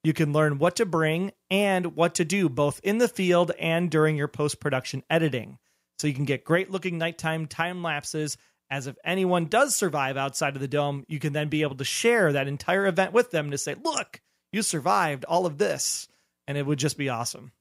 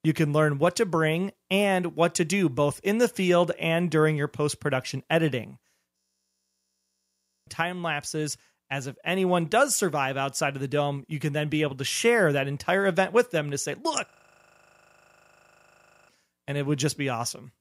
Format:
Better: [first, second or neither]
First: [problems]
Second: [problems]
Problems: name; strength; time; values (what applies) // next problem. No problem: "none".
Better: first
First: none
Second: audio freezing; at 6 s for 1.5 s and at 14 s for 2 s